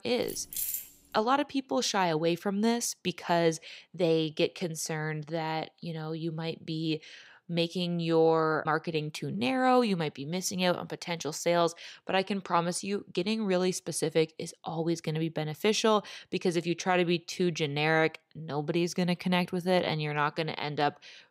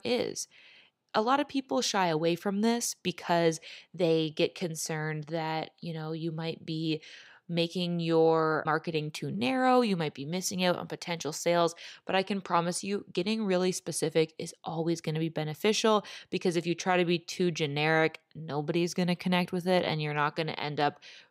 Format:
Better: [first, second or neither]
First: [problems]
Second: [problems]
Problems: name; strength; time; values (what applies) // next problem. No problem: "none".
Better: second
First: jangling keys; noticeable; at 0.5 s; peak 2 dB below the speech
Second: none